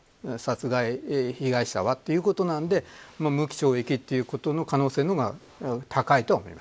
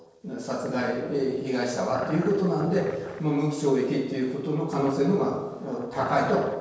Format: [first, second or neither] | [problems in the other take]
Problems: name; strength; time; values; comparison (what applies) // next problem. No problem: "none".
first | noise reduction (neural separator model SepFormer DNS4)